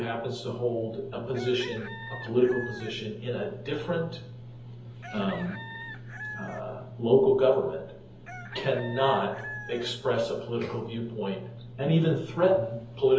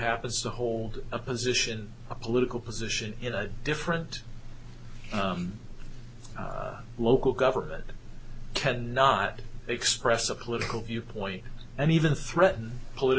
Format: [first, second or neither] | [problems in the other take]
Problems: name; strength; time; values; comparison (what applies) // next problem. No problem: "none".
second | background sound (Chicken, rooster); 16 dB below the speech // room echo; dies away in 0.7 s